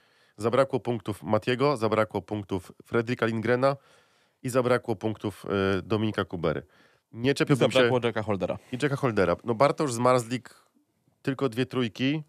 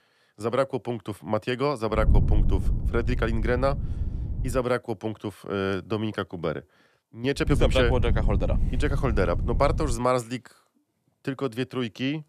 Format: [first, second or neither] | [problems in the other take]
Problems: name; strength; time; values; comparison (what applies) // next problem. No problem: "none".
first | wind noise on the microphone; occasional gusts; from 2 to 4.5 s and from 7.5 to 10 s; 15 dB below the speech